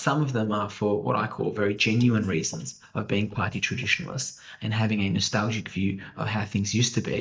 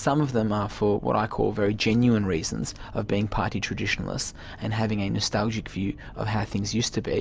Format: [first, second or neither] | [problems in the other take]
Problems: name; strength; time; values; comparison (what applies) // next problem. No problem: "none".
second | noise reduction (neural mask model DeepFilterNet 3)